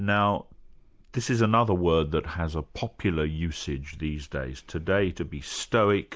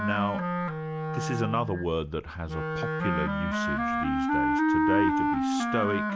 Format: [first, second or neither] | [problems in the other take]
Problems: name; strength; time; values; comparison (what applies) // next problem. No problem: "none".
first | background sound (Wind instrument, woodwind instrument); 5 dB above the speech